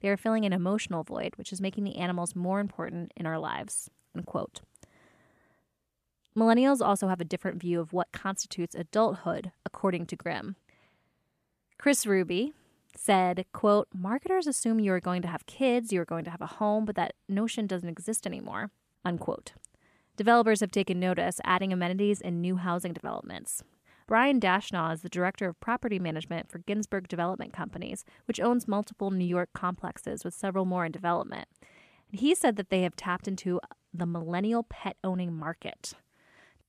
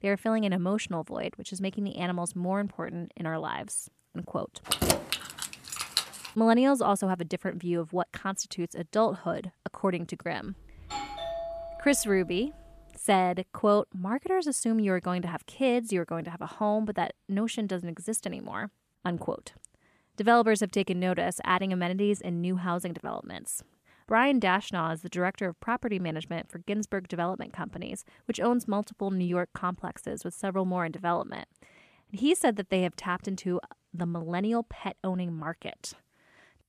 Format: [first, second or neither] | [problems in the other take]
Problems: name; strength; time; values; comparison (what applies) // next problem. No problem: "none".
first | jangling keys; loud; from 4.5 to 6.5 s; peak 4 dB above the speech // doorbell; noticeable; from 10 to 13 s; peak 6 dB below the speech